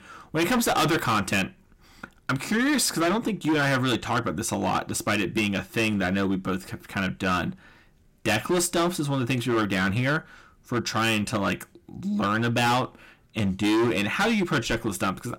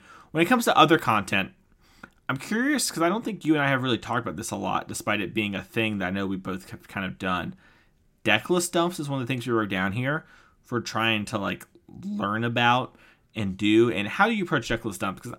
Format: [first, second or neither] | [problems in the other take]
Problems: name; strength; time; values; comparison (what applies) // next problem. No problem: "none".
second | distortion; heavy; 13% of the sound clipped